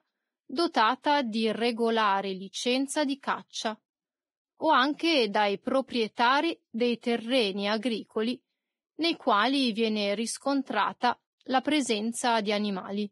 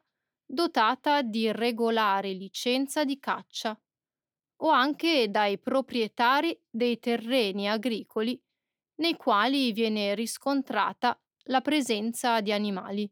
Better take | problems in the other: second | garbled, watery; badly; nothing above 10.5 kHz

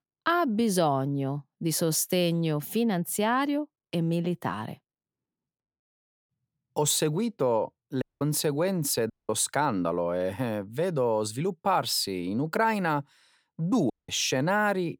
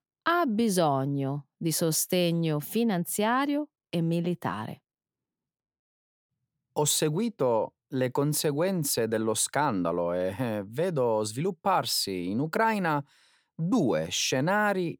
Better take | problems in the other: second | audio cutting out; at 8 s, at 9 s and at 14 s

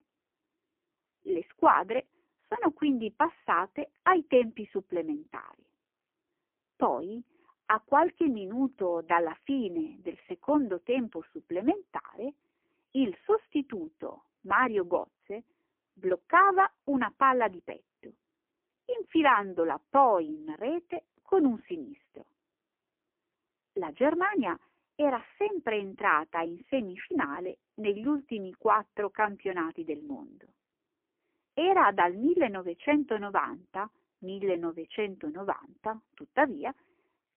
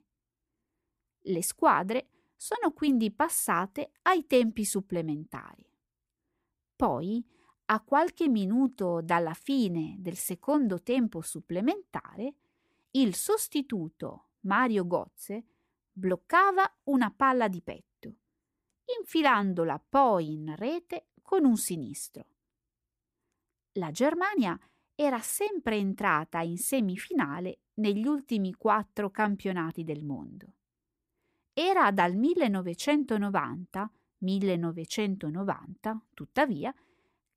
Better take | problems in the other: second | phone-call audio; poor line; nothing above 3 kHz

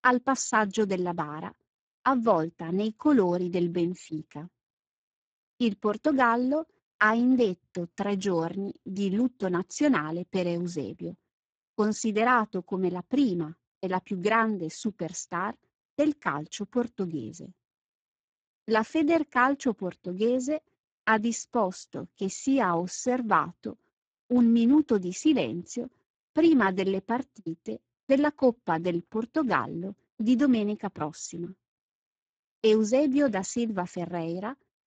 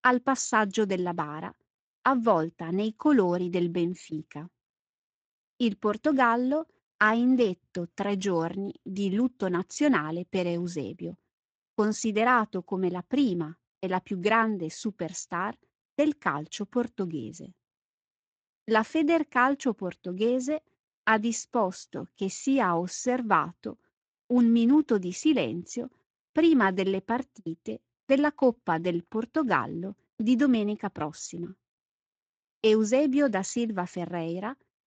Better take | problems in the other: second | garbled, watery; badly; nothing above 7.5 kHz; slightly in the second

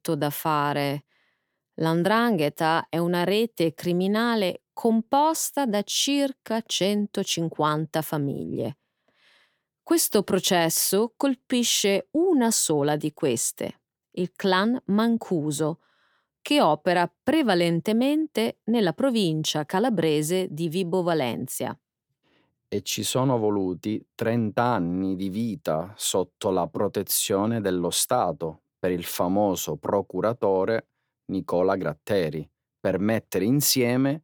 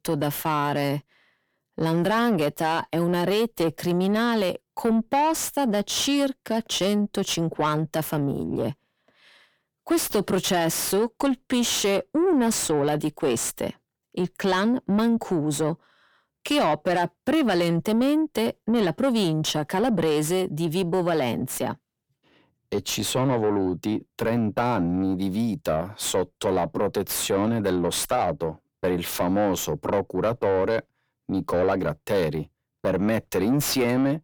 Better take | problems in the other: first | distortion; slight; 10 dB below the speech

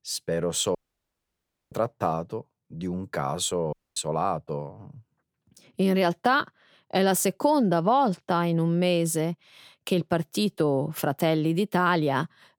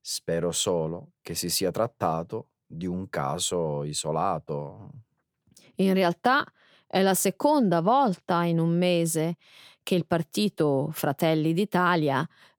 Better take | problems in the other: second | audio cutting out; at 1 s for 1 s and at 3.5 s

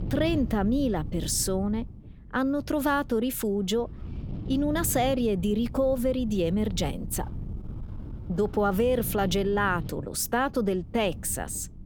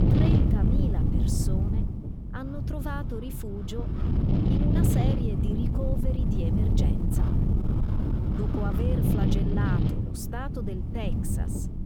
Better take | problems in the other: first | wind noise on the microphone; heavy; 3 dB above the speech; occasional gusts in the first

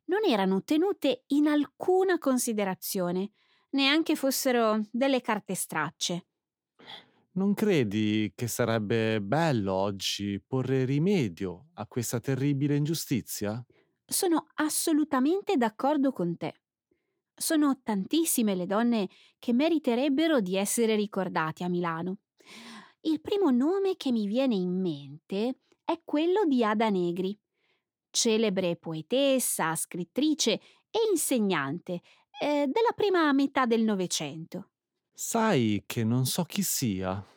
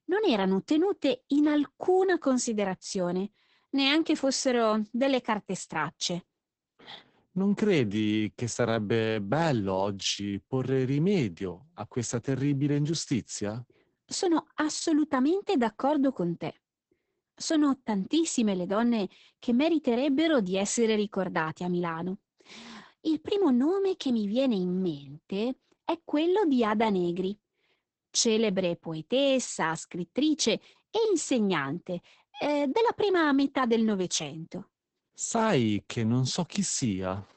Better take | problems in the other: first | garbled, watery; badly; nothing above 8 kHz

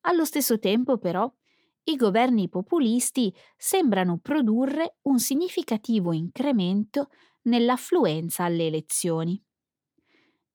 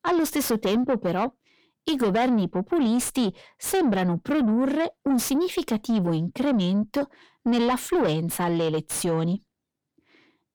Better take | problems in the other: first | distortion; slight; 10 dB below the speech

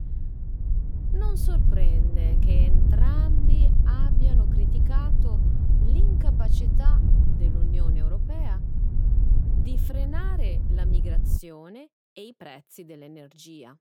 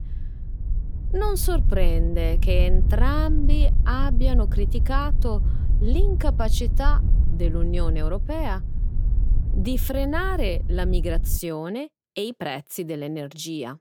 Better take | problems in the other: second | wind noise on the microphone; heavy; until 11 s; 1 dB above the speech; occasional gusts in the second

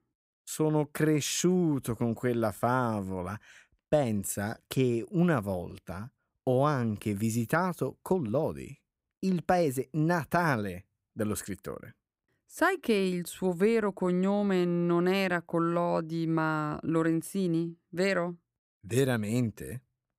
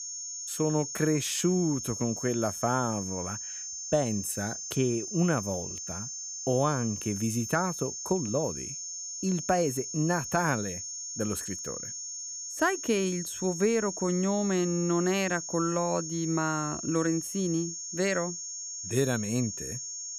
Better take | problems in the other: first | high-pitched whine; loud; throughout; 6.5 kHz, 6 dB below the speech

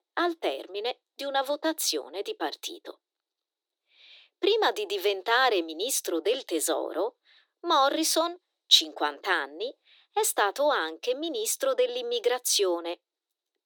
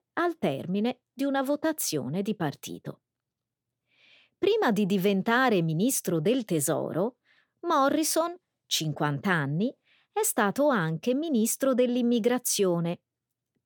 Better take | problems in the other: second | thin; very; fading below 300 Hz

